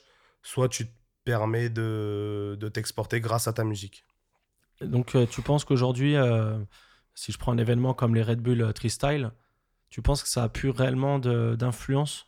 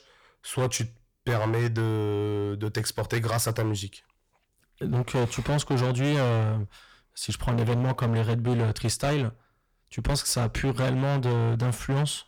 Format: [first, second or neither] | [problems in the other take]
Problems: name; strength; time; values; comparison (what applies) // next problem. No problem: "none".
first | distortion; heavy; 18% of the sound clipped